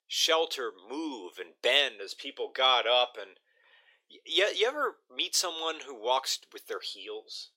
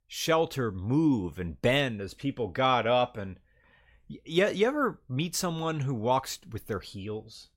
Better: second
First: thin; very; fading below 350 Hz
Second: none

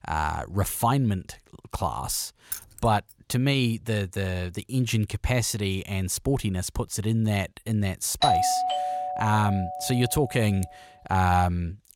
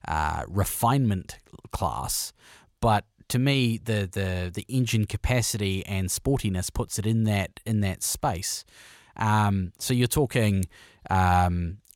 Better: second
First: jangling keys; noticeable; at 2.5 s; peak 9 dB below the speech // doorbell; loud; from 8 to 10 s; peak 4 dB above the speech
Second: none

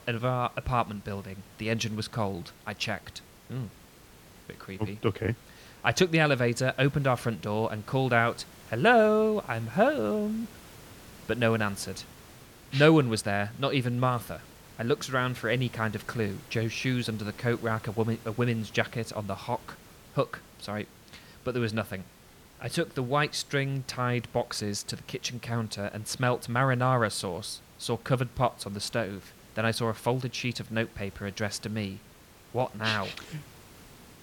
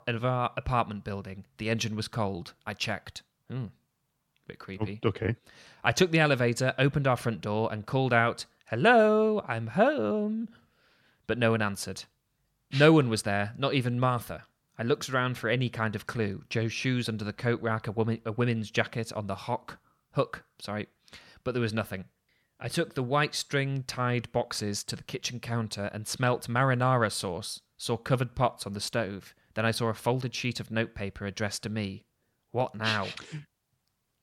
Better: second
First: hiss; faint; throughout; 20 dB below the speech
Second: none

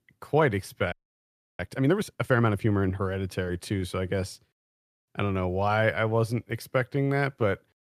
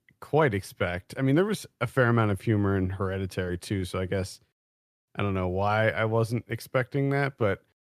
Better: second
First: audio freezing; at 1 s for 0.5 s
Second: none

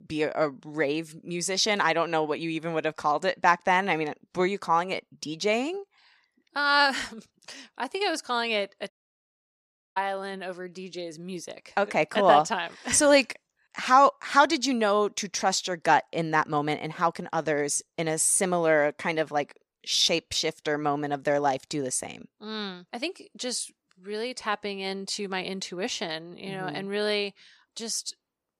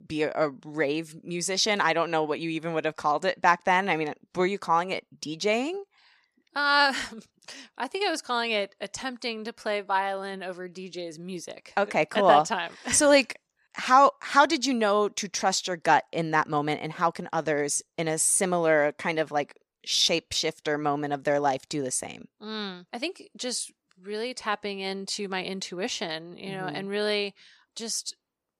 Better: second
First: audio cutting out; at 9 s for 1 s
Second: none

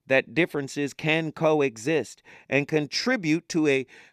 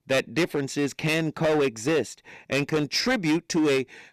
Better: first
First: none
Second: distortion; heavy; 13% of the sound clipped

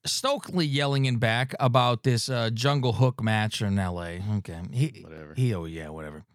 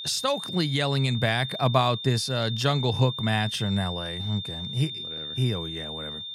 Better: first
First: none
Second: high-pitched whine; loud; throughout; 3.5 kHz, 7 dB below the speech

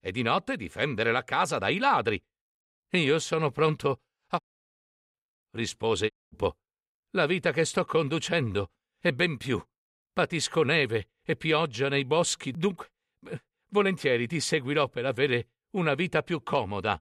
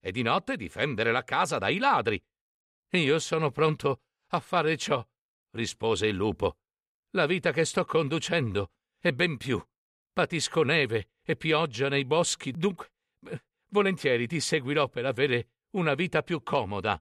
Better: second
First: audio cutting out; at 4.5 s for 0.5 s and at 6 s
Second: none

